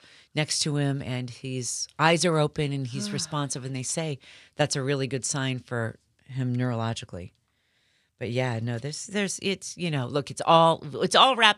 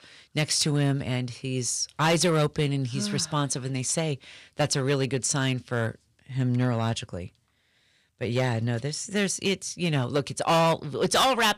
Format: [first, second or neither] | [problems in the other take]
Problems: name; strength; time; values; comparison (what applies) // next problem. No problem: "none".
first | distortion; heavy; 5% of the sound clipped